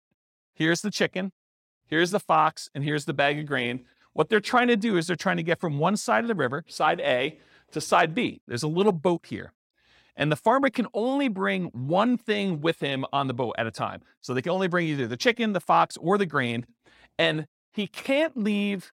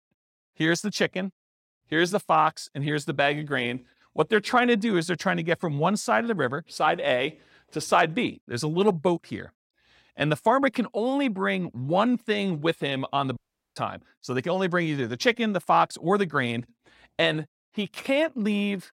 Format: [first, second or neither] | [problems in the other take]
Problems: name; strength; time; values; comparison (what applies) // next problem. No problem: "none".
first | audio cutting out; at 13 s